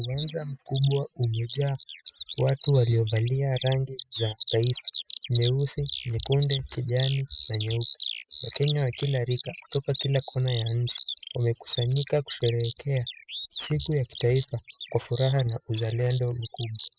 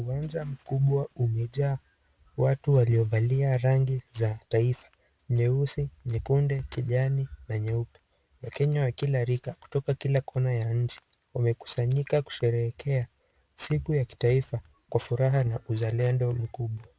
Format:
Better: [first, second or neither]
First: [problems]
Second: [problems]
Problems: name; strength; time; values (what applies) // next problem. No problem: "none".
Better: second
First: noise reduction (classical method spectral subtraction)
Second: none